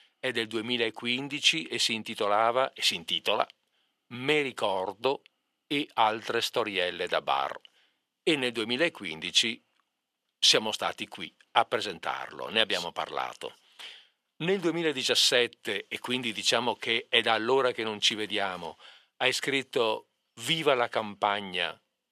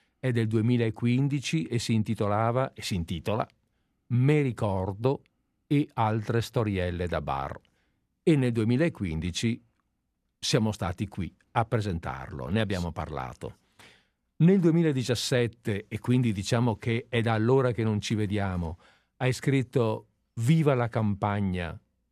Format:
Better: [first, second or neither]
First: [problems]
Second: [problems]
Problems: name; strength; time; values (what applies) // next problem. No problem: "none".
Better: second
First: thin; very; fading below 500 Hz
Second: none